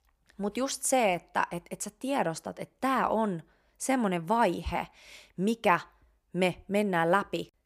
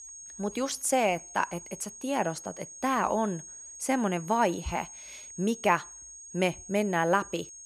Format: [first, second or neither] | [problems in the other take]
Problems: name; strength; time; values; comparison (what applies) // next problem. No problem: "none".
first | high-pitched whine; noticeable; throughout; 6.5 kHz, 15 dB below the speech